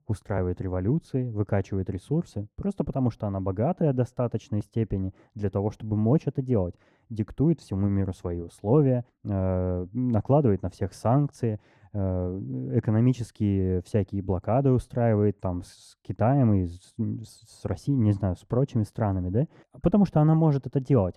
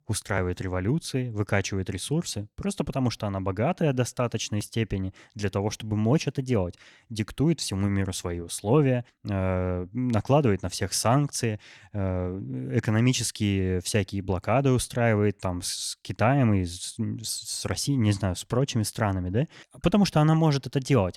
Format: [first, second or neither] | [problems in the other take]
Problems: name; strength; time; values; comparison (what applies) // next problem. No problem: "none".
second | muffled; very; fading above 1.5 kHz